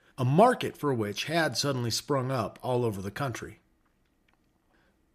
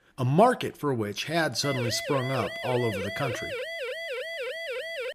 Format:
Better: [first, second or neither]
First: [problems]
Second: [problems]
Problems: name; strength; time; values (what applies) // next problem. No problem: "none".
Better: first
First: none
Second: siren; noticeable; from 1.5 s on; peak 5 dB below the speech